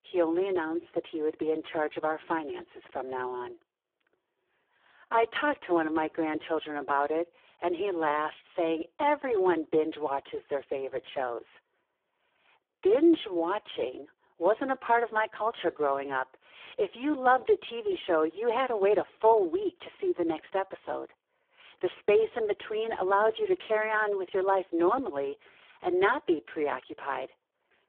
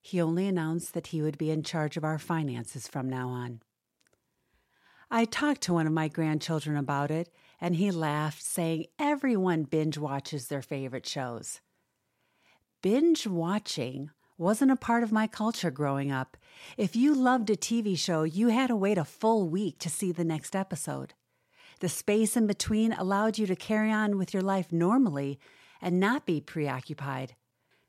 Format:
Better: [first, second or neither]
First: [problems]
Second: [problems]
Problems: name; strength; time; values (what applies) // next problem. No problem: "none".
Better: second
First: phone-call audio; poor line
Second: none